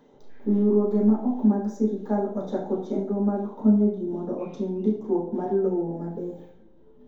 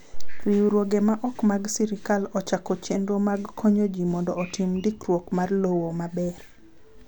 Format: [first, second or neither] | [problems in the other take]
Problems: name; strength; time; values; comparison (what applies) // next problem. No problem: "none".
second | room echo; dies away in 2.3 s